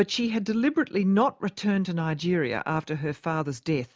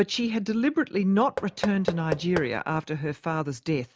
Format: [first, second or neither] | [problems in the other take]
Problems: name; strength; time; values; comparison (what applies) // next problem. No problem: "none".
first | background sound (Knock / Wood); 9 dB below the speech